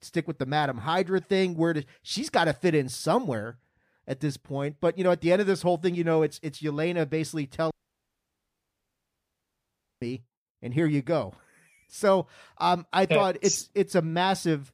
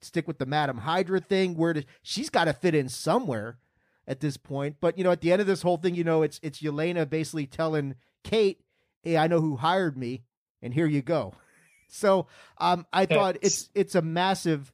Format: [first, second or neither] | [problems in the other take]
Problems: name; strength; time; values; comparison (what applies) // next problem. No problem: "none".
second | audio cutting out; at 7.5 s for 2.5 s